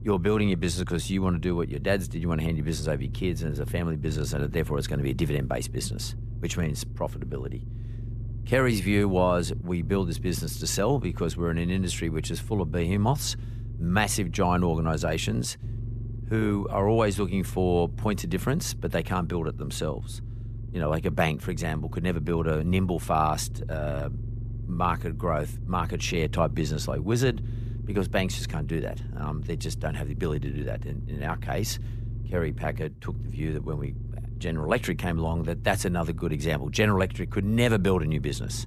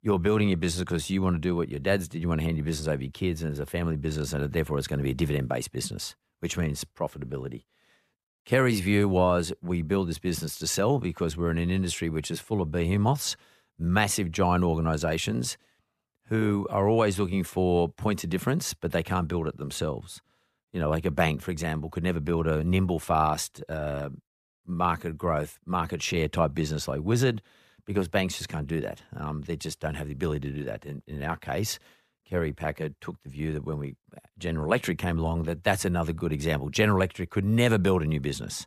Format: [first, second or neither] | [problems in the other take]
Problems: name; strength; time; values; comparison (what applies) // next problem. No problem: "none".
second | low rumble; noticeable; throughout; 20 dB below the speech